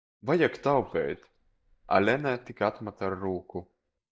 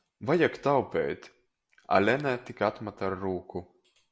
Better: second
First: noise reduction (neural mask model DeepFilterNet 3)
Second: none

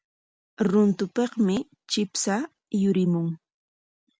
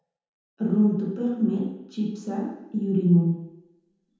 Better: first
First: none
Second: room echo; dies away in 0.9 s

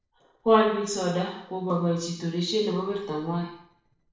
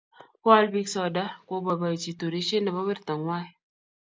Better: second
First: noise reduction (neural separator model SepFormer DNS4)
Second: none

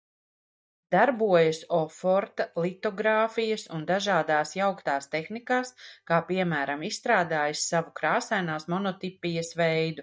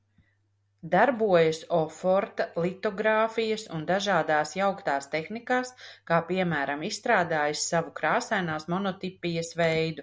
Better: second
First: noise reduction (neural mask model DeepFilterNet 3)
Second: none

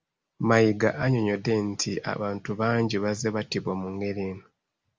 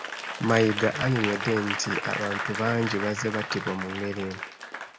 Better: first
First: none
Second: background sound (Applause / Crowd); 5 dB below the speech

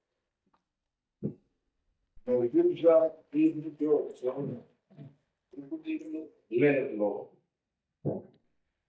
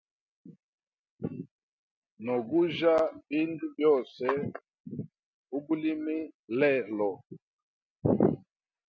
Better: second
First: noise reduction (neural mask model DeepFilterNet 3)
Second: none

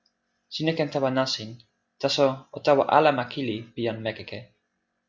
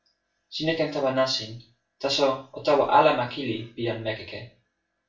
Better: first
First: none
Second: room echo; dies away in 0.3 s

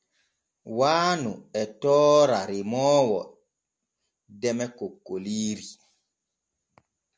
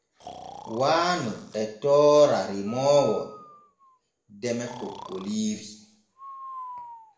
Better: first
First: none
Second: background sound (Breathing); 19 dB below the speech // room echo; dies away in 0.6 s

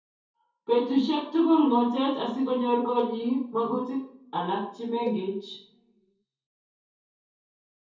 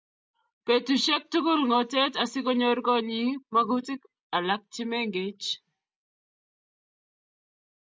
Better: second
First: background sound (Cowbell); 15 dB below the speech // room echo; dies away in 0.6 s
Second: none

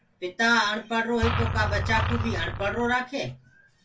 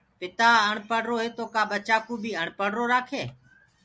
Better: second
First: background sound (Engine); 1 dB below the speech // room echo; dies away in 0.2 s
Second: none

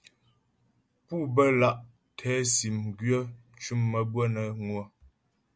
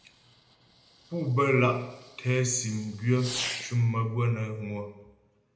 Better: first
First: none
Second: background sound (Fireworks); 14 dB below the speech // room echo; dies away in 0.8 s

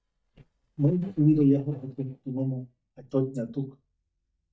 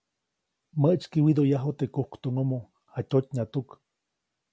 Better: second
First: noise reduction (neural mask model DeepFilterNet 3)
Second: none

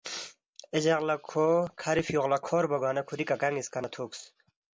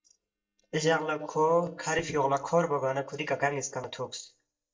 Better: first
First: none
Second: noise reduction (neural mask model DeepFilterNet 3)

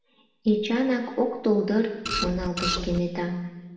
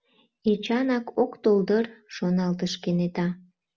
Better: second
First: background sound (Printer); 3 dB below the speech // room echo; dies away in 1.1 s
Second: none

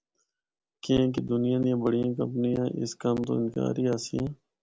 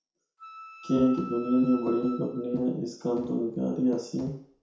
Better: first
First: none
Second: background sound (Wind instrument, woodwind instrument); 15 dB below the speech // room echo; dies away in 0.6 s

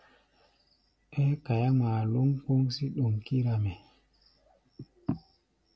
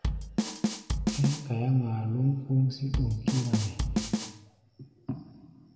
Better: first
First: none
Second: background sound (Drum kit); 1 dB below the speech // room echo; dies away in 2 s

